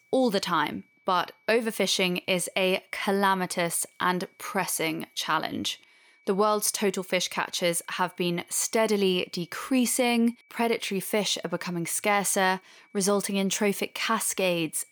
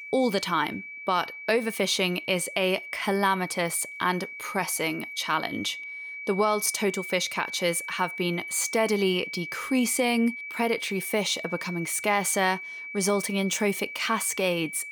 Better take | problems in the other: first | high-pitched whine; loud; throughout; 2.5 kHz, 9 dB below the speech; faint in the first

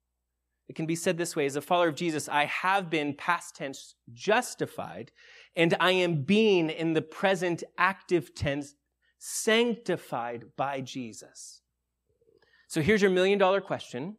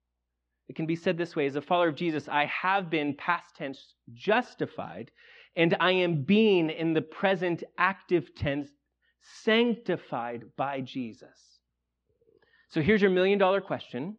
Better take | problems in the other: first | muffled; slightly; fading above 4 kHz

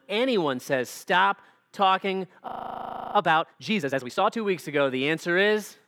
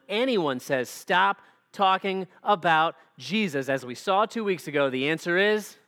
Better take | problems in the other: second | audio freezing; at 2.5 s for 0.5 s

